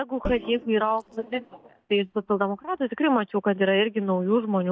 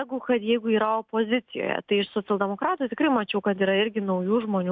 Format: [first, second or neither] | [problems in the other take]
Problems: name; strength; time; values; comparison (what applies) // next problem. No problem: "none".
second | noise reduction (neural mask model DeepFilterNet 3)